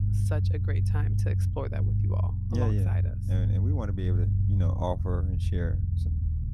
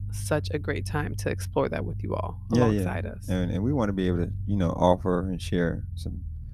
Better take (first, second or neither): second